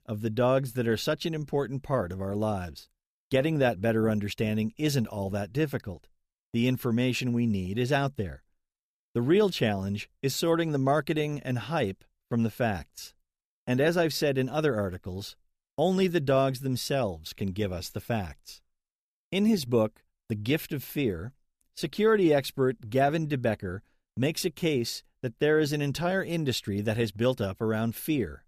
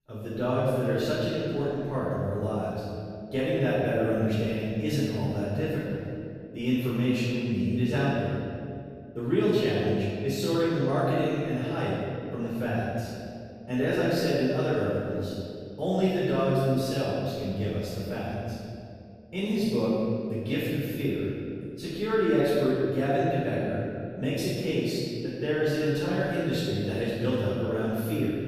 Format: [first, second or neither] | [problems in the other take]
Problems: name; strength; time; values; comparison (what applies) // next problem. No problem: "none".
first | room echo; strong; dies away in 2.2 s // off-mic speech; far